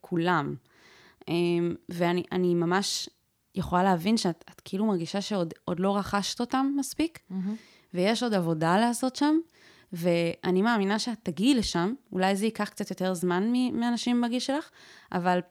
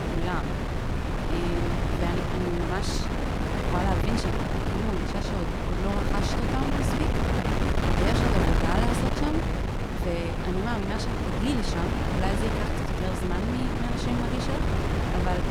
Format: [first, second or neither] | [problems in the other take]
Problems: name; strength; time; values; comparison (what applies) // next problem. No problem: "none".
first | wind noise on the microphone; heavy; 3 dB above the speech